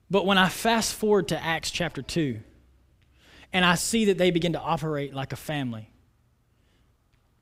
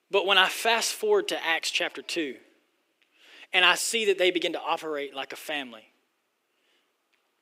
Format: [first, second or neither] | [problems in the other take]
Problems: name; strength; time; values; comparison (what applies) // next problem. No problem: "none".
first | thin; very; fading below 350 Hz